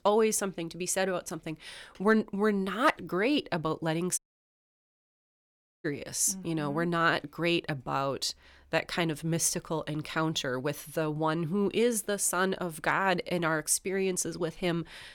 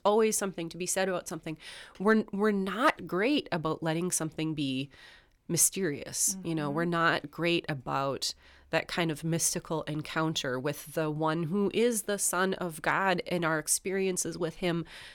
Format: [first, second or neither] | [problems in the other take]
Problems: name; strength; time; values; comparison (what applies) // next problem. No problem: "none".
second | audio cutting out; at 4 s for 1.5 s